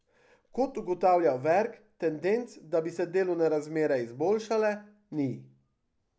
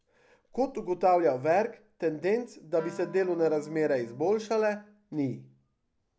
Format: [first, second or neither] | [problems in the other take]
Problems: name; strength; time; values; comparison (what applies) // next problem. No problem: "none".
first | background sound (Wind instrument, woodwind instrument); 19 dB below the speech